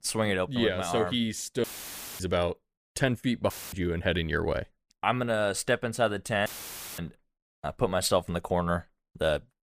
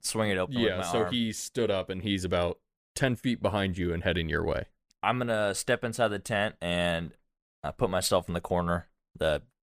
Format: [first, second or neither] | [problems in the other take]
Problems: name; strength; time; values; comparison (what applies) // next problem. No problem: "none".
second | audio cutting out; filled with static; at 1.5 s for 0.5 s, at 3.5 s and at 6.5 s for 0.5 s